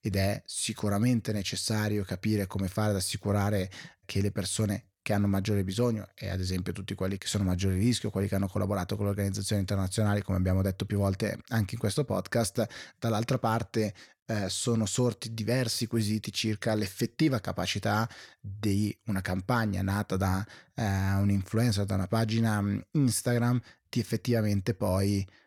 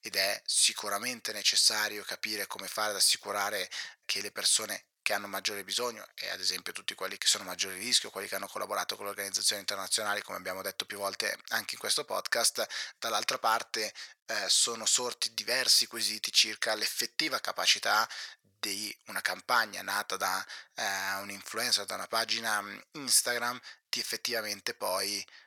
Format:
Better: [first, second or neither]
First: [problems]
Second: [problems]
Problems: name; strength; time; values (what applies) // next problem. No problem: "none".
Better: first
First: none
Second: thin; very; fading below 1 kHz